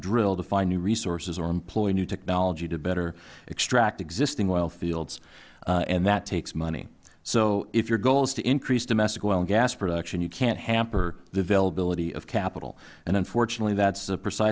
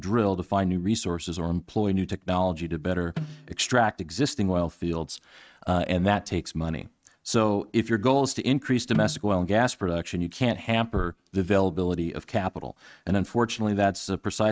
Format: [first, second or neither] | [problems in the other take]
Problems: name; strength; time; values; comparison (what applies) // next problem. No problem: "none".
first | noise reduction (neural mask model RNNoise)